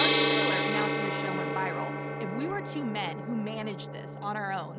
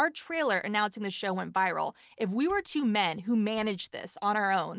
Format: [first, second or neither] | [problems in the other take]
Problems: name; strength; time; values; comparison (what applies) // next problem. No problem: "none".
second | background sound (Gong); 4 dB above the speech